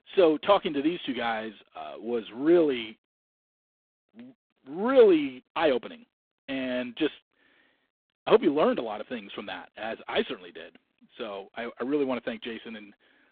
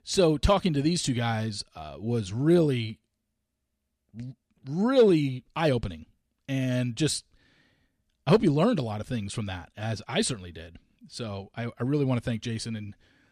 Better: second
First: phone-call audio; poor line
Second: none

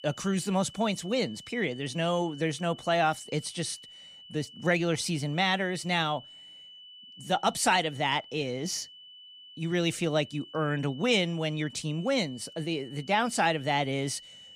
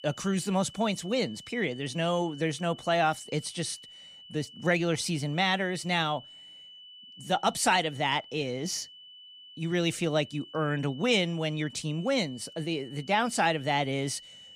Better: neither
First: high-pitched whine; noticeable; throughout; 3 kHz, 20 dB below the speech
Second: high-pitched whine; noticeable; throughout; 3 kHz, 20 dB below the speech

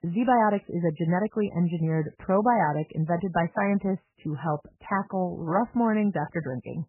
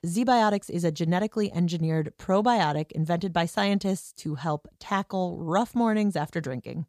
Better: second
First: garbled, watery; badly; nothing above 3 kHz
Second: none

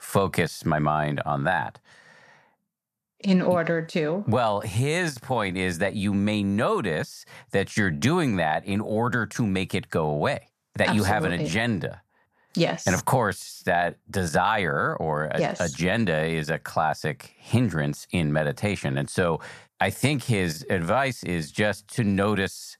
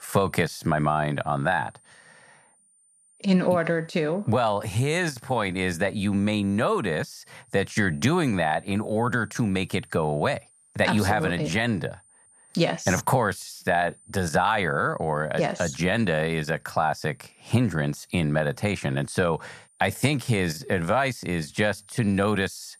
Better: first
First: none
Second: high-pitched whine; faint; throughout; 9 kHz, 30 dB below the speech

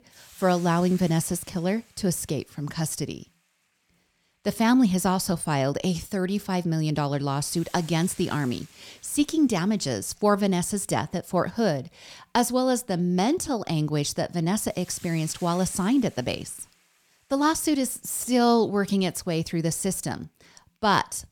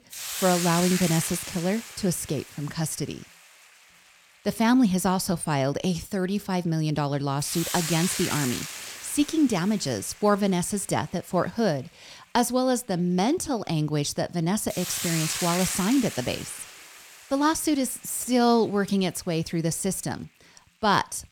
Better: first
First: hiss; faint; throughout; 25 dB below the speech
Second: hiss; loud; throughout; 6 dB below the speech

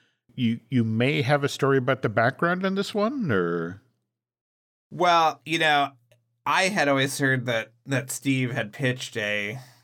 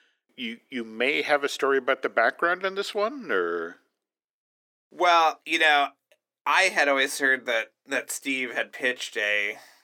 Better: first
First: none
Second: thin; somewhat; fading below 300 Hz

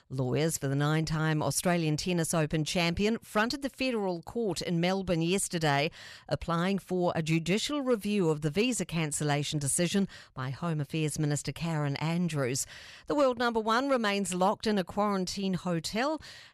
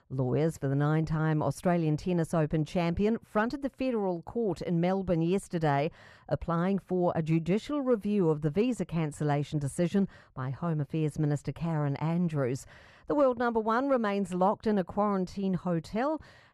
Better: first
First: none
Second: muffled; slightly; fading above 2 kHz

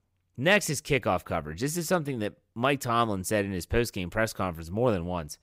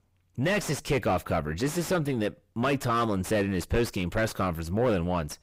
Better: first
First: none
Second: distortion; heavy; 5 dB below the speech

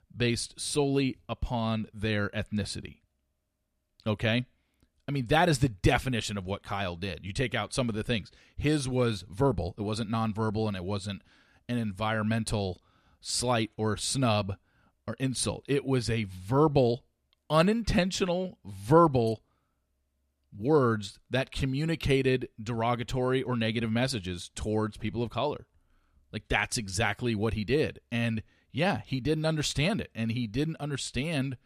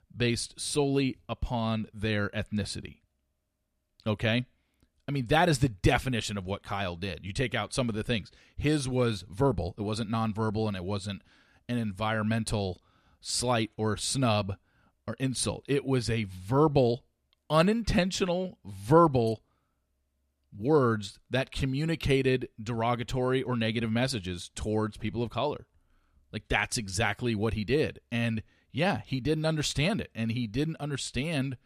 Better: neither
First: none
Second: none

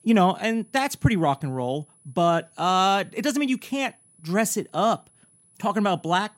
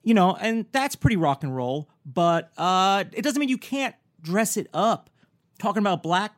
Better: second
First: high-pitched whine; faint; throughout; 10 kHz, 30 dB below the speech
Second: none

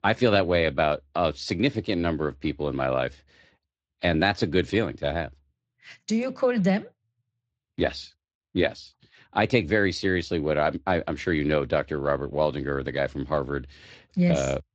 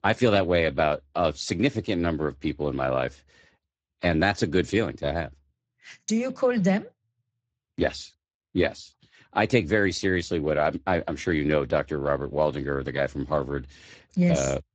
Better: first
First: garbled, watery; slightly; nothing above 7.5 kHz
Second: garbled, watery; badly; nothing above 7.5 kHz

